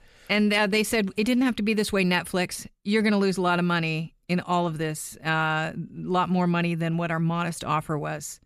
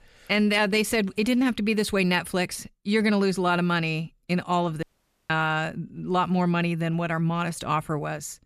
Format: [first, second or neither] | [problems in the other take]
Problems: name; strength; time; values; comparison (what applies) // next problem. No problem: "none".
first | audio cutting out; at 5 s